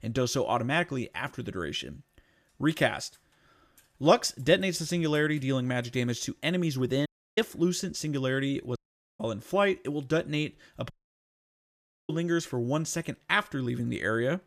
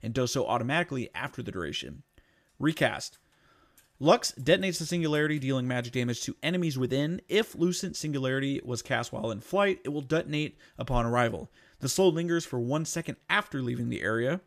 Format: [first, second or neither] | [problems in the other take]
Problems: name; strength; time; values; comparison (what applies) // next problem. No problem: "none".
second | audio cutting out; at 7 s, at 9 s and at 11 s for 1 s